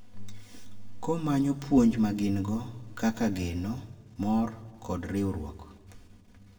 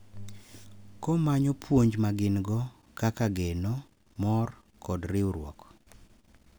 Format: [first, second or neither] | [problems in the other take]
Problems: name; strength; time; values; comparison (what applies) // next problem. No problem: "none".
second | room echo; dies away in 1.2 s